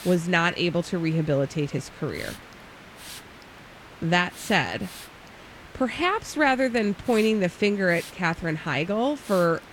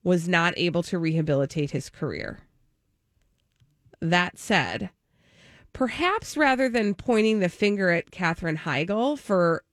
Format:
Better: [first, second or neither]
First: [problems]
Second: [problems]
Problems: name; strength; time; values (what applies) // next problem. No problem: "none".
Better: second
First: hiss; noticeable; throughout; 20 dB below the speech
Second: none